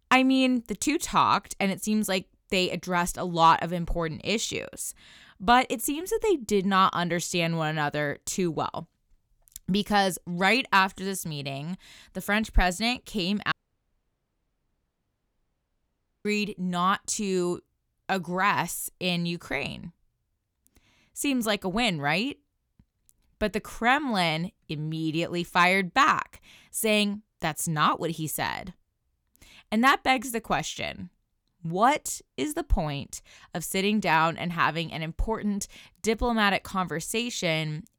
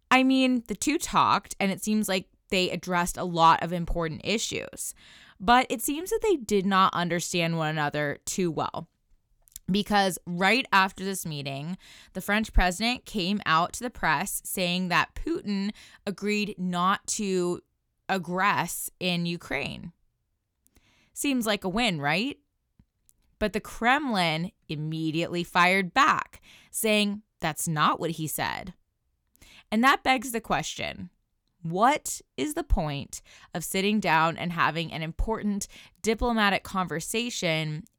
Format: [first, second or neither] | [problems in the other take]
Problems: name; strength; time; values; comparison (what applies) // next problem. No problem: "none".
second | audio cutting out; at 14 s for 2.5 s